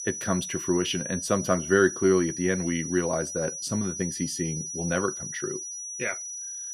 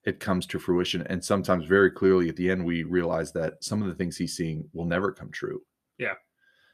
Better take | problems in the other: second | high-pitched whine; loud; throughout; 6 kHz, 6 dB below the speech

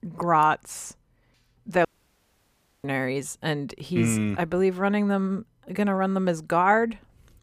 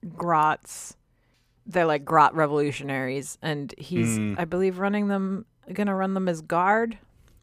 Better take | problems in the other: second | audio cutting out; at 2 s for 1 s

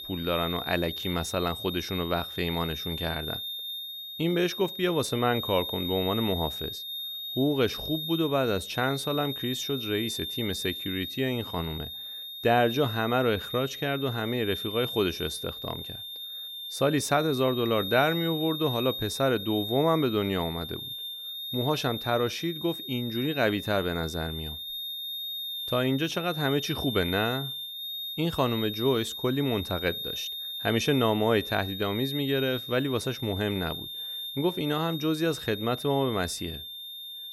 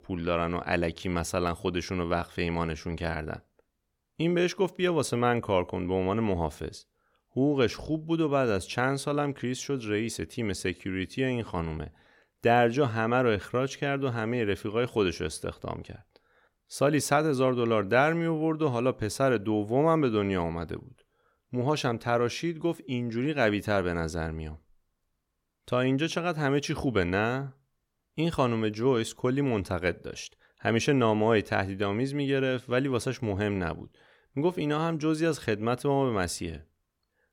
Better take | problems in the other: second | high-pitched whine; loud; throughout; 3.5 kHz, 6 dB below the speech

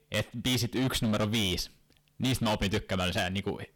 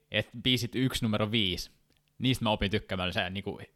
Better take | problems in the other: second | distortion; heavy; 14% of the sound clipped

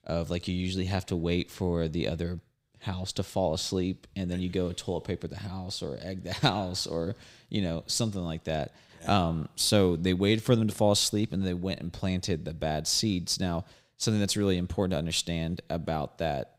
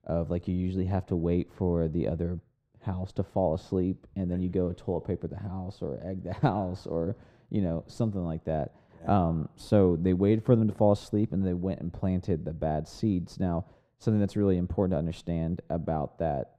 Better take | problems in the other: first | muffled; very; fading above 2 kHz

